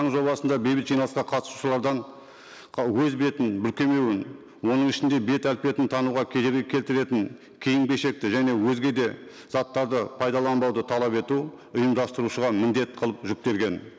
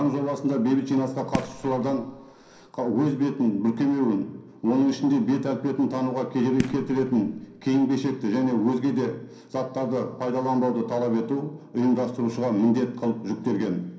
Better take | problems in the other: first | background sound (Fireworks); 12 dB below the speech // room echo; dies away in 0.6 s

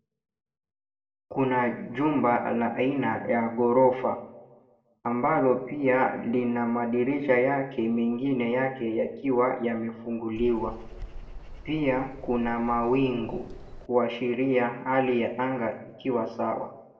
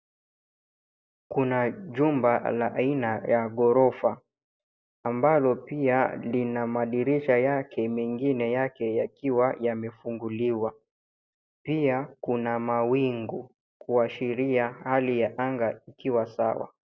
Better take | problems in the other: second | background sound (Bird vocalization, bird call, bird song); 14 dB below the speech // room echo; dies away in 0.6 s

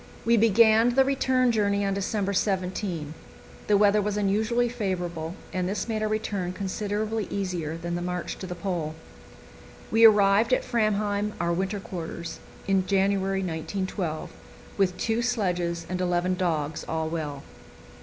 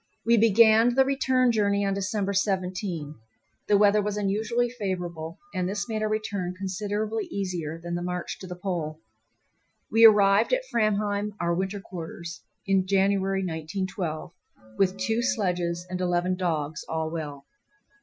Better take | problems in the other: first | noise reduction (classical method Wiener filter)

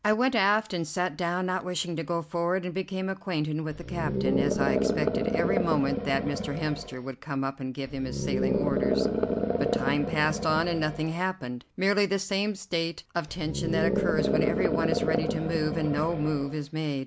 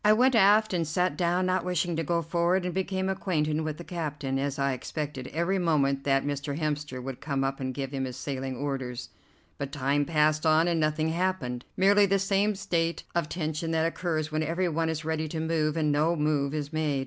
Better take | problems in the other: second | background sound (Animal); as loud as the speech

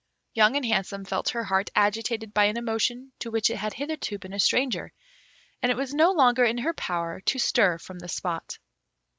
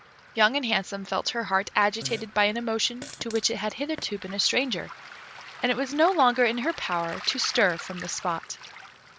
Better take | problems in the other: first | background sound (Fart + Waves, surf); 16 dB below the speech

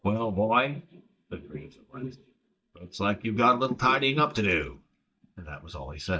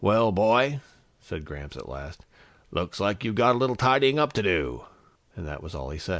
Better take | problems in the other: second | noise reduction (neural mask model DeepFilterNet 3)

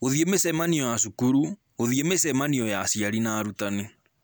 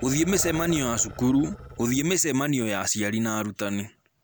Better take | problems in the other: first | background sound (Growling); 17 dB below the speech

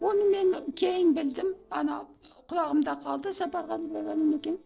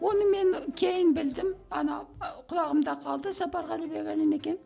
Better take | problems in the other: second | noise reduction (neural separator model SepFormer DNS4)

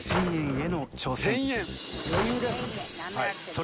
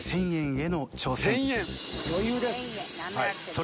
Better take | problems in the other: second | background sound (Drawer open or close); 5 dB below the speech

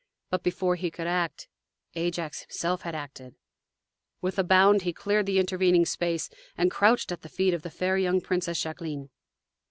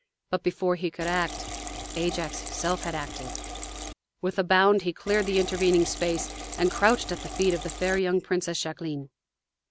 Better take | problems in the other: first | background sound (Liquid); 9 dB below the speech

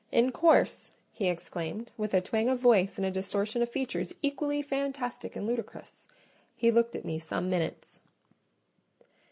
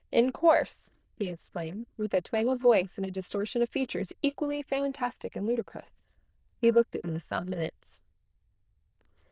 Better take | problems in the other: first | noise reduction (neural diffusion model UNIVERSE++)

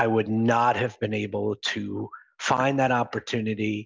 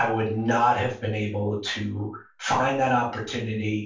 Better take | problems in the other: first | room echo; dies away in 0.3 s

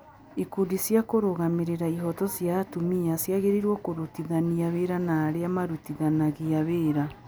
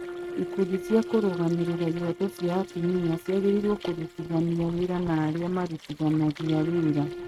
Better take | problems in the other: first | noise reduction (neural mask model RNNoise)

